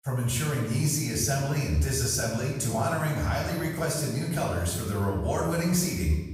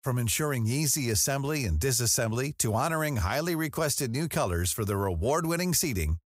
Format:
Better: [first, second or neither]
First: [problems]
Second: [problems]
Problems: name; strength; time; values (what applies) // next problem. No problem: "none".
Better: second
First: off-mic speech; far // room echo; noticeable; dies away in 1 s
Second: none